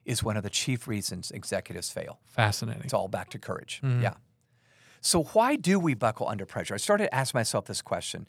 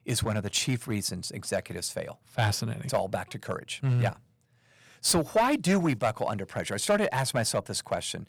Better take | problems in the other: first | distortion; slight; 3% of the sound clipped

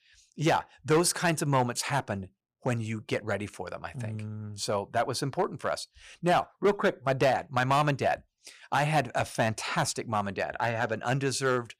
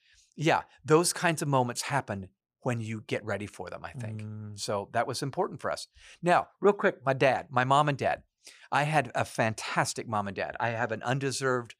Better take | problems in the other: second | distortion; slight; 3% of the sound clipped

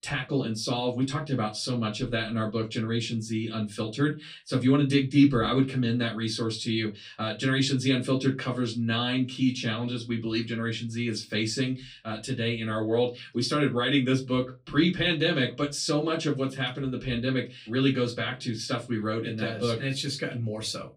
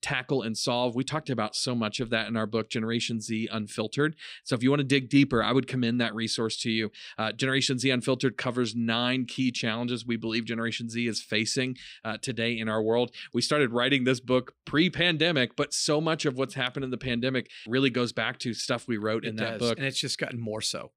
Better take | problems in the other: second | off-mic speech; far // room echo; very slight; dies away in 0.2 s

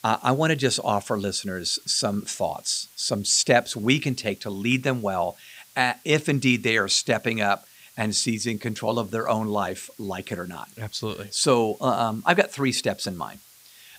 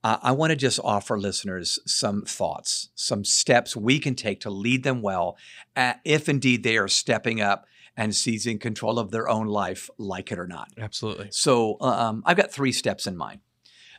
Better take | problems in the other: second | hiss; faint; throughout; 25 dB below the speech

